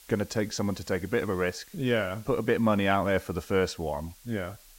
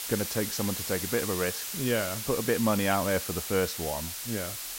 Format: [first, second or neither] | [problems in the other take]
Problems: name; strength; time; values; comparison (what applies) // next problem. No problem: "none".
first | hiss; loud; throughout; 3 dB below the speech; faint in the first